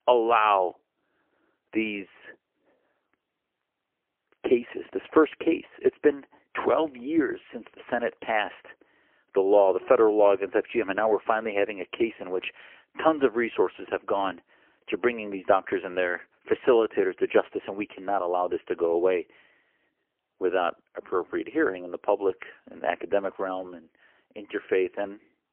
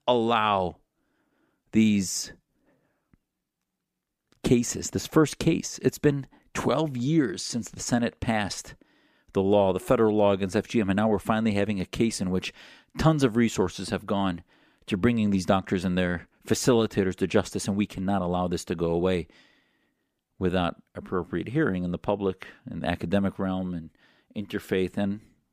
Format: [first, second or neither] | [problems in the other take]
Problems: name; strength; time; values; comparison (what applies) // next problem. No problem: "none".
second | phone-call audio; poor line; nothing above 3 kHz